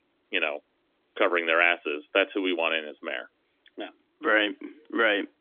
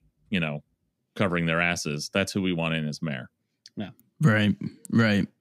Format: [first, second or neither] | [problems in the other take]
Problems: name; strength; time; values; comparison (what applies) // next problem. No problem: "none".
second | phone-call audio; nothing above 3.5 kHz